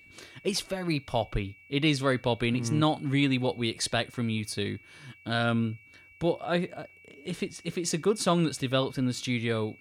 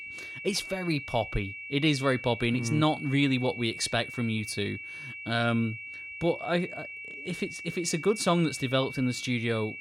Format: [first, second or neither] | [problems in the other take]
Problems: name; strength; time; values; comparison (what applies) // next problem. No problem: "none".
first | high-pitched whine; loud; throughout; 2.5 kHz, 10 dB below the speech; faint in the first